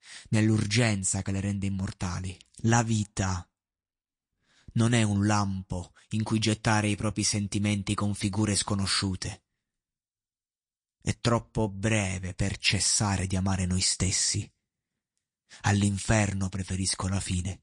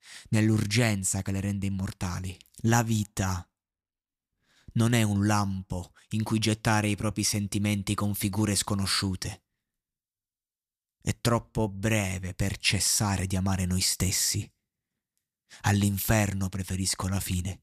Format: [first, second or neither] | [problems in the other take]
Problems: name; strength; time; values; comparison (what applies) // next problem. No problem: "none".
second | garbled, watery; slightly; nothing above 8.5 kHz